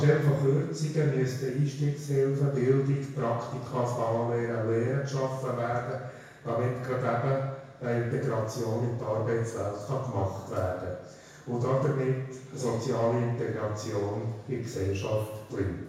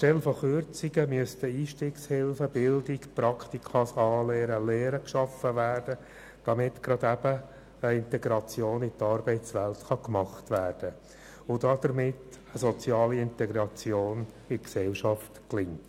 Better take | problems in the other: second | room echo; dies away in 1 s

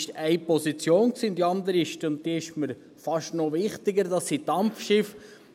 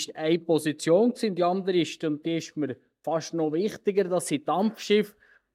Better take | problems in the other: first | noise reduction (neural mask model DeepFilterNet 3)

